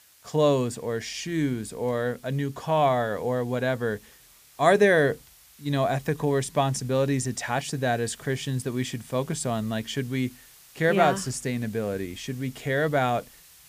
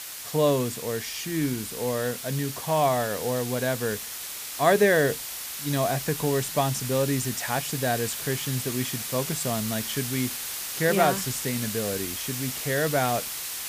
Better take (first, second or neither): first